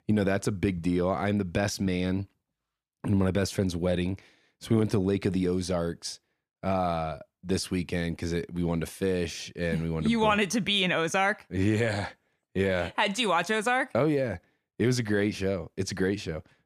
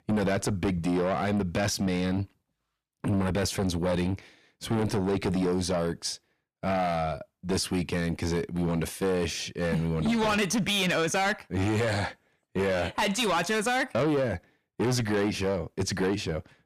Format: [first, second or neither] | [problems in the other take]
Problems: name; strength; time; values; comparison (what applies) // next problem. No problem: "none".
first | distortion; heavy; 7 dB below the speech